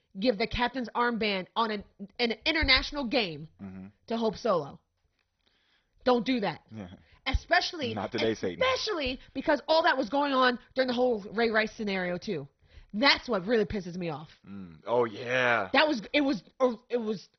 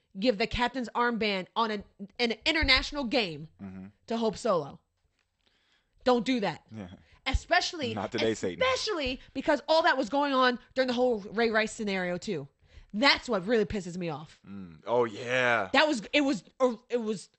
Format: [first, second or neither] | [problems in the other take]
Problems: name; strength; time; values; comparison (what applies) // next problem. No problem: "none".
second | garbled, watery; badly; nothing above 5.5 kHz; slightly in the second